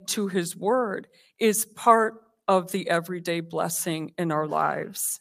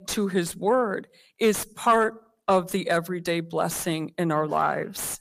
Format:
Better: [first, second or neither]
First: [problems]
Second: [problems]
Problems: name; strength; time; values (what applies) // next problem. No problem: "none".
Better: first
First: none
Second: distortion; slight; 10 dB below the speech